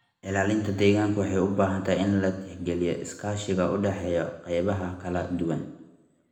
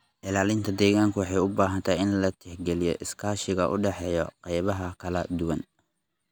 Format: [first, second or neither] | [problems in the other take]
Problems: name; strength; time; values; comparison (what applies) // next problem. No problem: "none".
second | room echo; dies away in 0.9 s